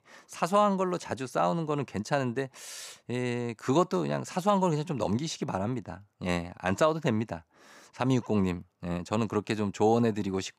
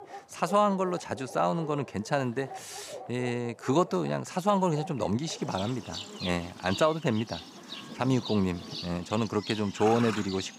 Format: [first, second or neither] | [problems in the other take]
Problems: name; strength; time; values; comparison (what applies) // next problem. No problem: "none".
first | animal sounds; noticeable; throughout; 10 dB below the speech